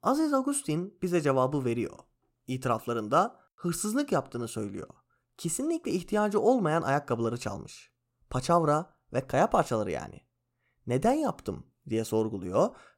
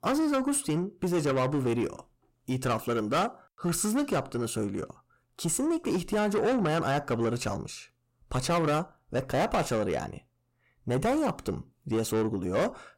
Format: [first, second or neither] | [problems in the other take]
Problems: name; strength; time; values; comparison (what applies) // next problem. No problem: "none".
first | distortion; heavy; 7 dB below the speech